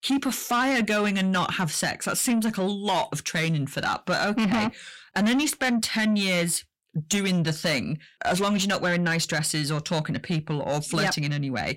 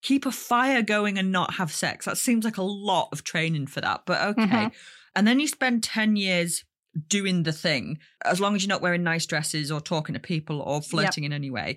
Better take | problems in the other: second | distortion; slight; 10 dB below the speech

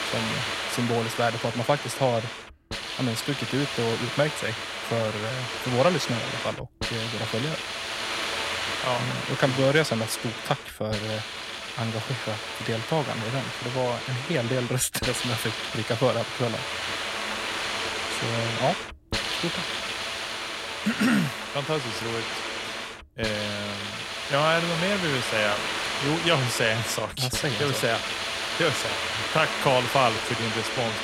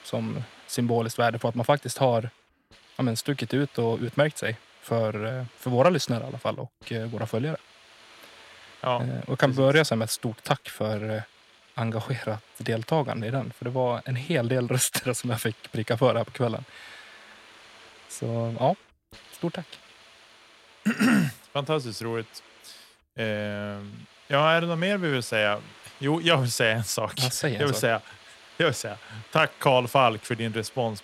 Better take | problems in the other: second | hiss; loud; throughout; 2 dB below the speech; faint in the second

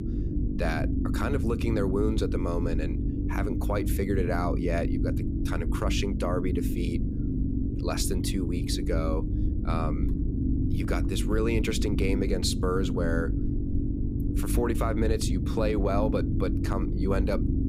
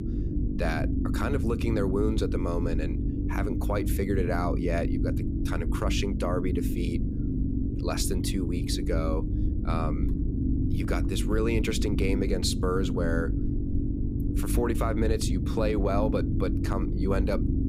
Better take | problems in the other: neither | low rumble; loud; throughout; 5 dB below the speech; the same in both

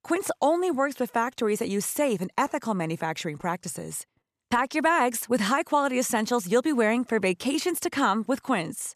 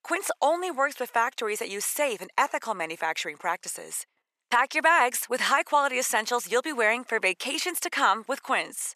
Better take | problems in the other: first | thin; somewhat; fading below 600 Hz

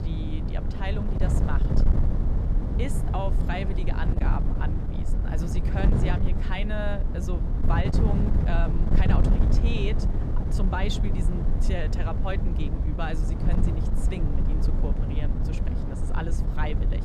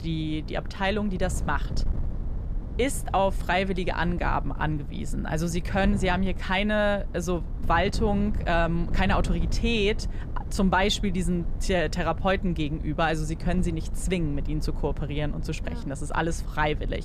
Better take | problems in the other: second | wind noise on the microphone; heavy; 2 dB below the speech; occasional gusts in the second

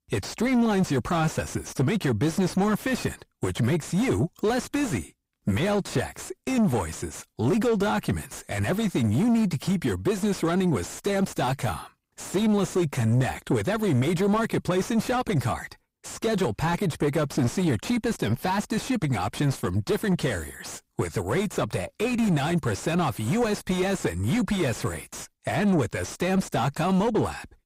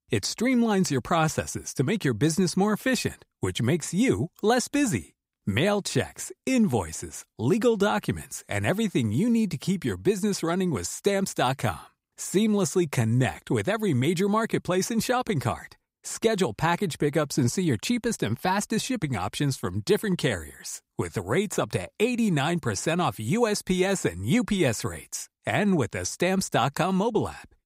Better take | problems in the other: second | distortion; heavy; 8 dB below the speech

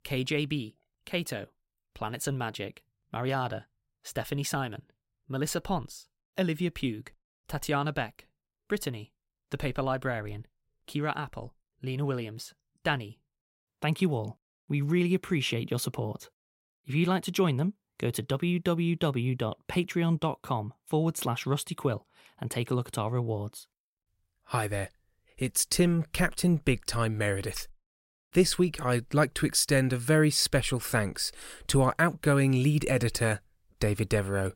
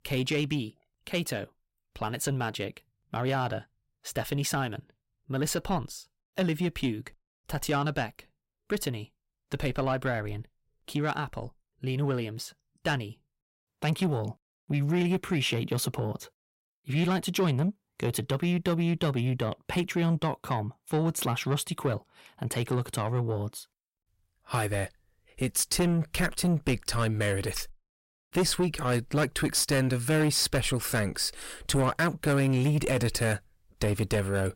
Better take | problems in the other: first | distortion; slight; 10 dB below the speech

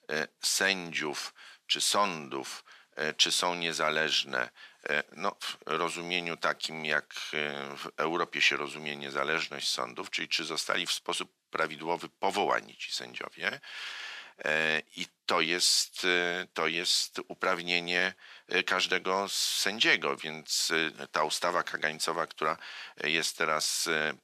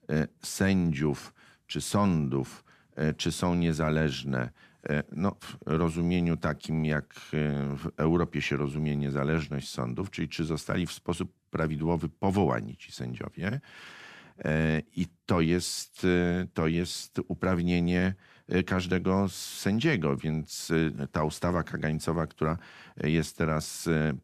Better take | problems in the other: second | thin; very; fading below 600 Hz

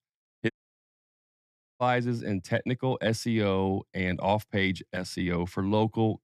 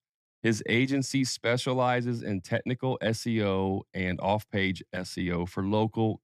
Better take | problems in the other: second | audio cutting out; at 0.5 s for 1.5 s

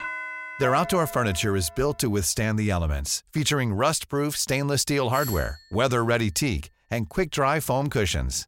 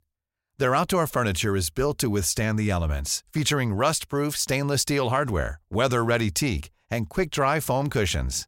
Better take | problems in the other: second | doorbell; noticeable; until 2 s and at 5 s; peak 7 dB below the speech

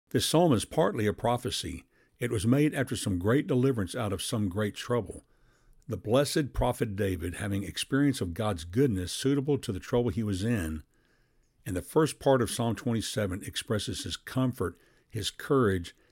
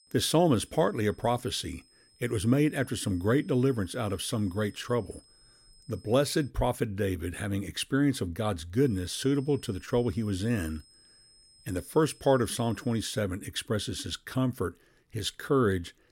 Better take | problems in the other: first | high-pitched whine; faint; until 6.5 s and from 9 to 13 s; 5 kHz, 30 dB below the speech

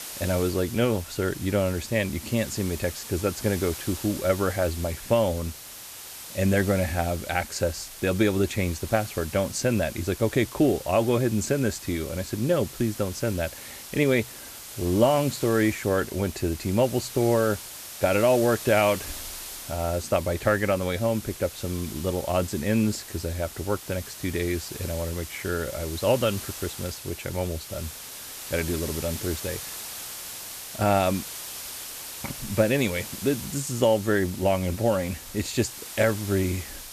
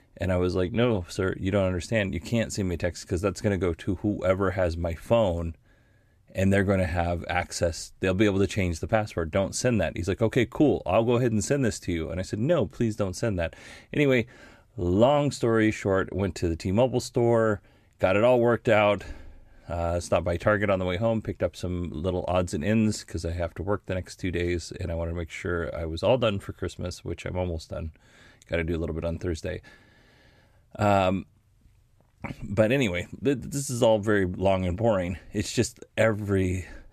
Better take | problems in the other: second | hiss; noticeable; throughout; 10 dB below the speech

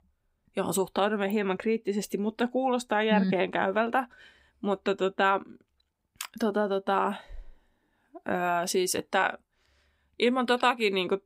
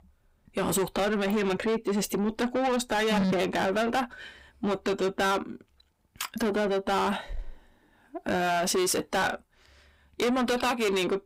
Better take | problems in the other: first | distortion; heavy; 6 dB below the speech

